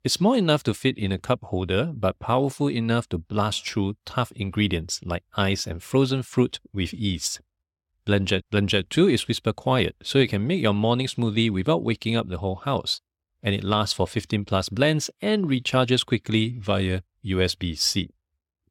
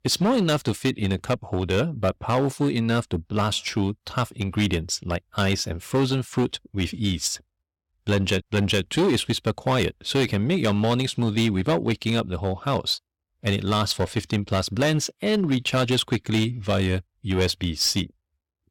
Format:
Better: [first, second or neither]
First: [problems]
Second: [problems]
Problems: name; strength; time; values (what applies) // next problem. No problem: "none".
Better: first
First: none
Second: distortion; slight; 7% of the sound clipped